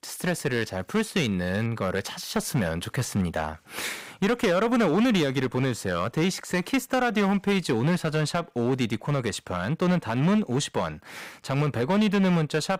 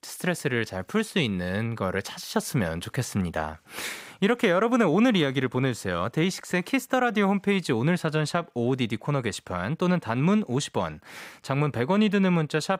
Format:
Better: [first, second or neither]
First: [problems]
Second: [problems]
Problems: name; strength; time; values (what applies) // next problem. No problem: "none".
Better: second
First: distortion; slight; 8% of the sound clipped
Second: none